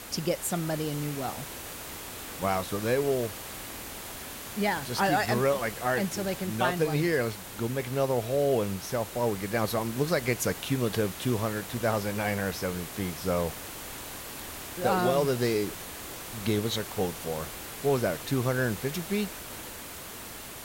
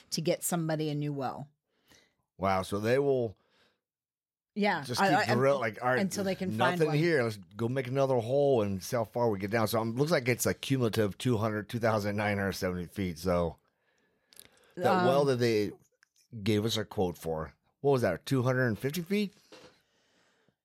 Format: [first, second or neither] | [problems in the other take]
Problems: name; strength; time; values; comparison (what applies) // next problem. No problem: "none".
second | hiss; loud; throughout; 9 dB below the speech